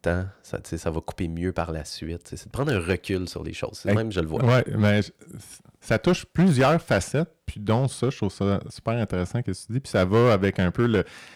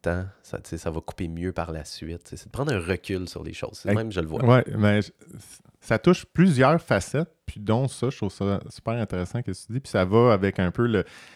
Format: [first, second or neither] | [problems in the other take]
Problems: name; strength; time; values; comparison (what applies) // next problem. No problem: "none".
second | distortion; slight; 5% of the sound clipped